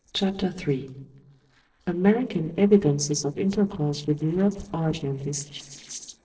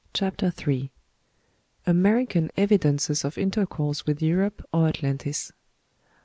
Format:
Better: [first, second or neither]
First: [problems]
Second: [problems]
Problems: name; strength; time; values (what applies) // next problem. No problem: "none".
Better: second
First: noise reduction (neural separator model SepFormer DNS4)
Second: none